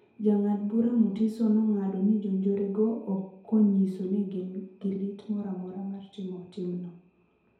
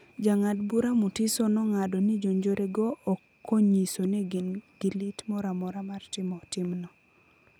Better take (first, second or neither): second